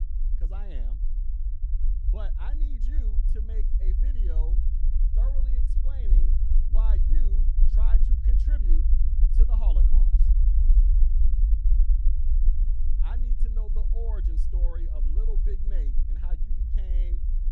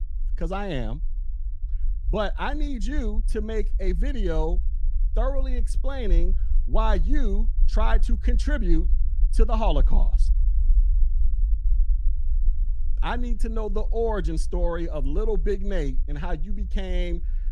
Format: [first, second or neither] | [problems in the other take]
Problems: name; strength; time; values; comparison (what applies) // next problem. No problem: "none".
second | low rumble; loud; throughout; as loud as the speech; faint in the second